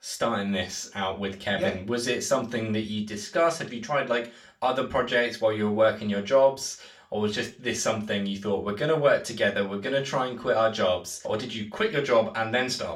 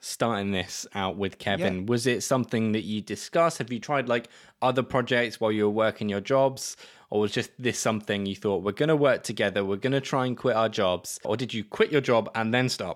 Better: second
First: room echo; very slight; dies away in 0.3 s // off-mic speech; far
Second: none

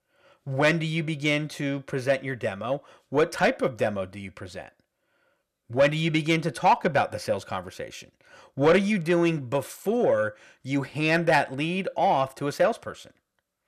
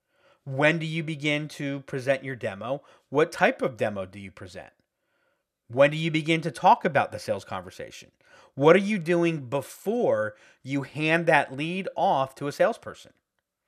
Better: second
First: distortion; slight; 10 dB below the speech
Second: none

